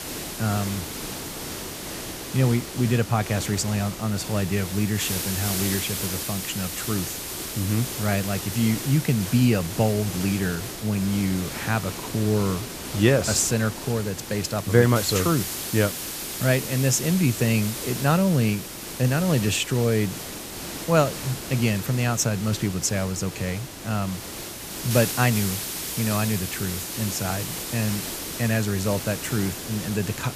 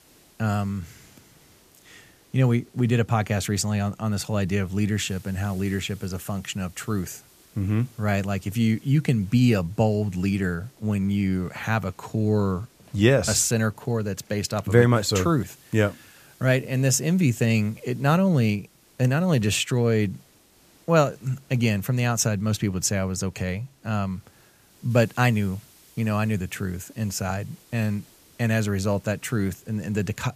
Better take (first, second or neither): second